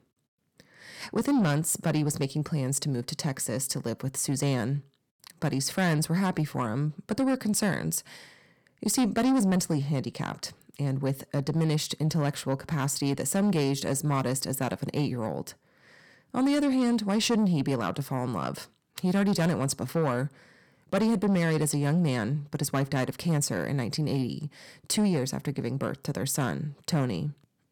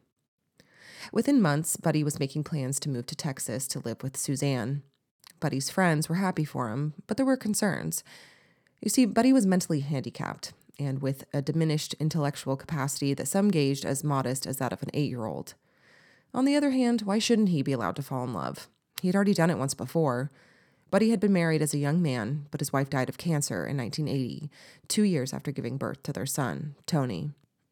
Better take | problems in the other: second | distortion; slight; 10 dB below the speech

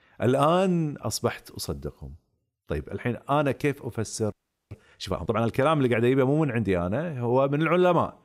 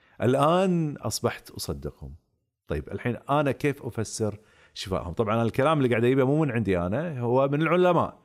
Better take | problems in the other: second | audio freezing; at 4.5 s

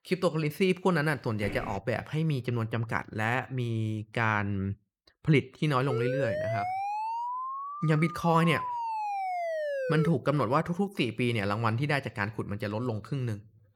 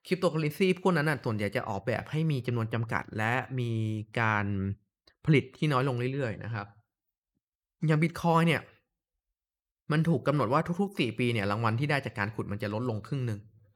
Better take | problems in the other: second | footsteps; faint; at 1.5 s; peak 10 dB below the speech // siren; noticeable; from 6 to 10 s; peak 2 dB below the speech

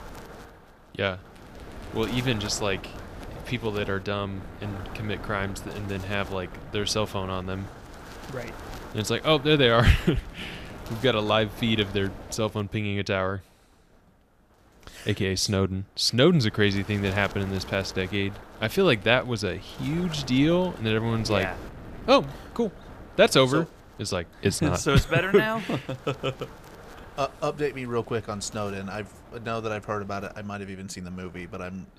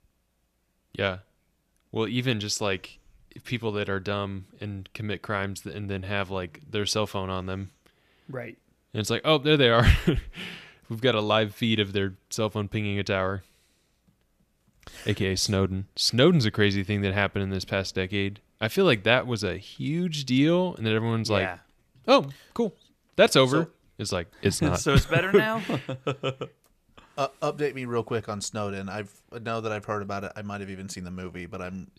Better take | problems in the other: second | wind noise on the microphone; occasional gusts; 15 dB below the speech

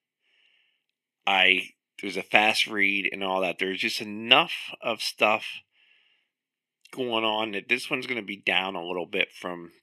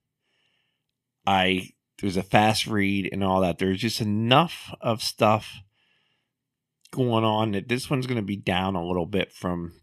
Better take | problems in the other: second | thin; somewhat; fading below 350 Hz

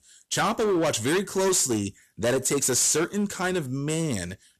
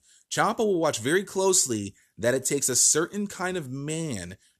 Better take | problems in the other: second | distortion; heavy; 17% of the sound clipped

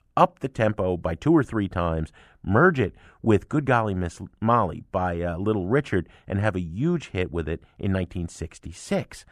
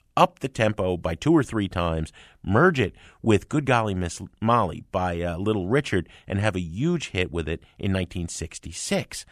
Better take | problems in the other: second | muffled; slightly; fading above 2 kHz

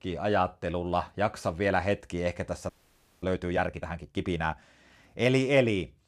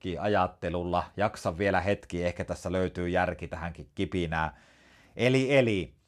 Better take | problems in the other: second | audio freezing; at 2.5 s for 0.5 s

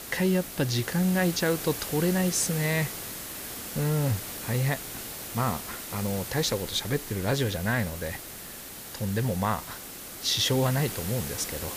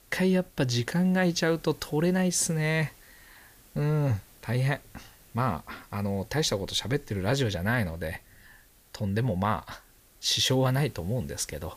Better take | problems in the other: second | hiss; loud; throughout; 8 dB below the speech; faint in the second

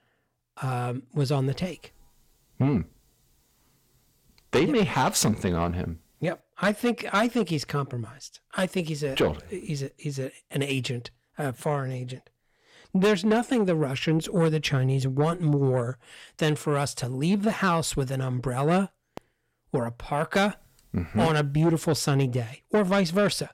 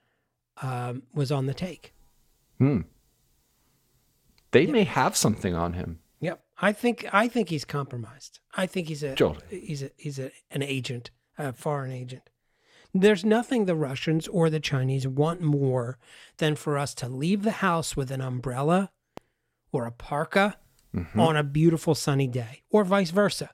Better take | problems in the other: second | distortion; slight; 10 dB below the speech

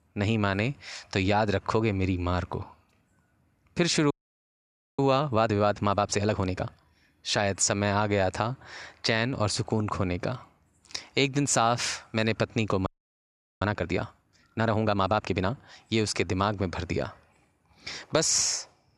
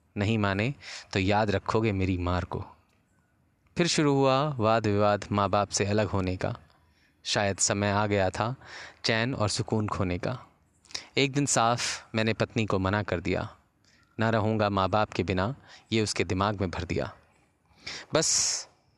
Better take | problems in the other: second | audio freezing; at 4 s for 1 s and at 13 s for 1 s

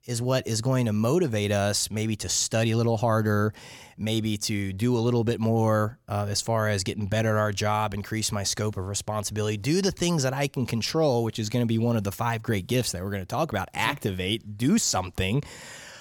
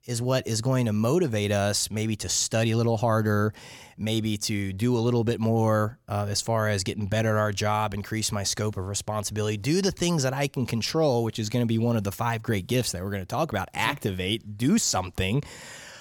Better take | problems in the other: neither | none

